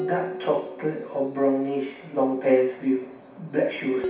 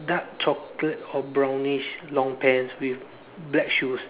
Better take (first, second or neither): second